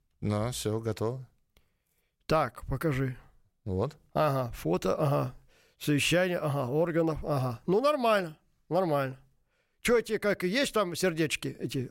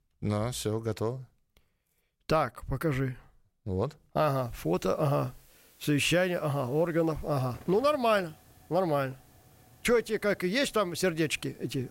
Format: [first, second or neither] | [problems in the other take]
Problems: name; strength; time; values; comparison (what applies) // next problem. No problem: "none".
first | hiss; faint; from 4.5 s on; 25 dB below the speech